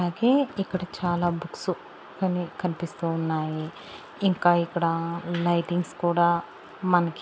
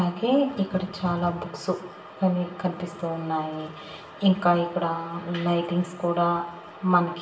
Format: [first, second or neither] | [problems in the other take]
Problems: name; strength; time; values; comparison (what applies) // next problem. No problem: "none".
first | room echo; dies away in 0.7 s